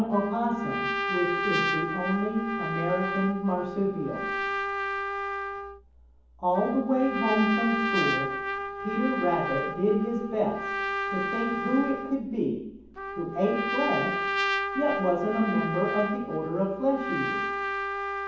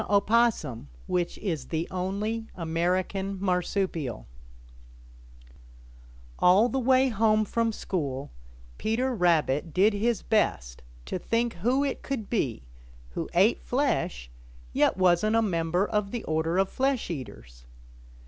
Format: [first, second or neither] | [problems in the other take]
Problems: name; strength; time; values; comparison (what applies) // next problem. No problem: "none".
second | background sound (Trumpet); 2 dB below the speech // room echo; dies away in 1.2 s